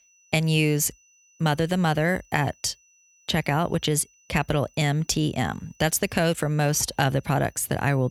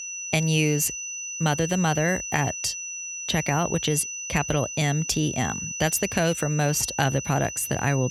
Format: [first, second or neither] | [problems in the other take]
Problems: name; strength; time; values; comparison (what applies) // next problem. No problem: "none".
first | high-pitched whine; loud; throughout; 6 kHz, 6 dB below the speech; faint in the first